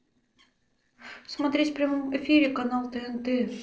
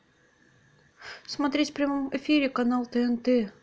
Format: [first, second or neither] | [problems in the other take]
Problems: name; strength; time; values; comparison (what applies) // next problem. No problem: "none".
second | noise reduction (neural separator model SepFormer DNS4)